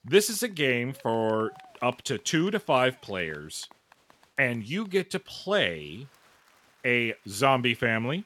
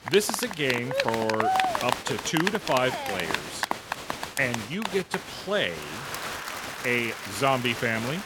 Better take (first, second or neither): first